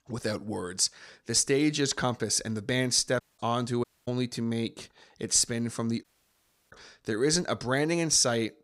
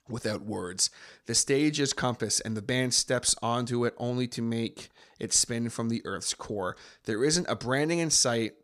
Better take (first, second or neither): second